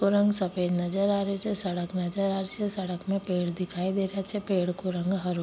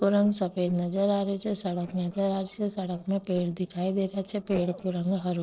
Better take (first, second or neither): first